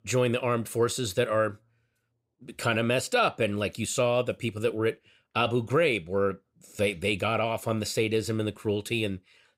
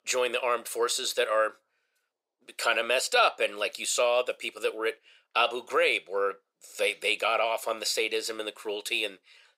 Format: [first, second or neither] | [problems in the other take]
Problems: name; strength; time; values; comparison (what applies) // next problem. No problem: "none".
first | thin; very; fading below 550 Hz